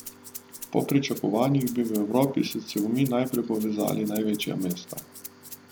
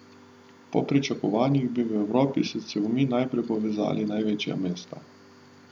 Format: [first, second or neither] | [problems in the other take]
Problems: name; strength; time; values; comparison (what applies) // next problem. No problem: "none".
second | background sound (Rattle (instrument)); 17 dB below the speech